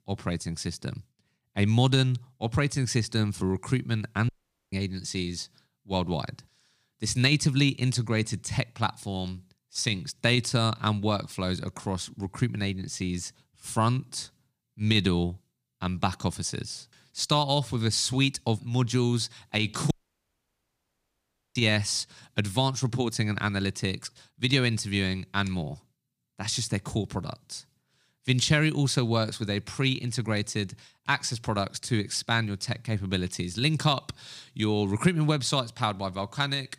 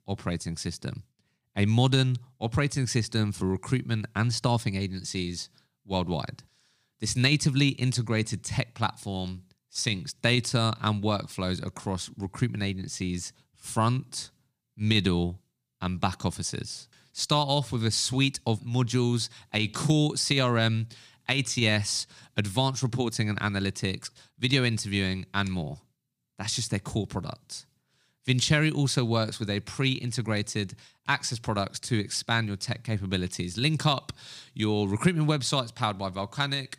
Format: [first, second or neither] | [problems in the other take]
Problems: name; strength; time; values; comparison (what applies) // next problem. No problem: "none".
second | audio cutting out; at 4.5 s and at 20 s for 1.5 s